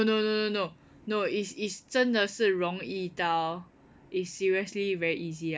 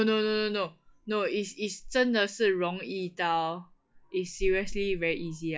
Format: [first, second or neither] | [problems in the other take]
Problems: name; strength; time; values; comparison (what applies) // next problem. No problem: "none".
first | noise reduction (classical method log-MMSE)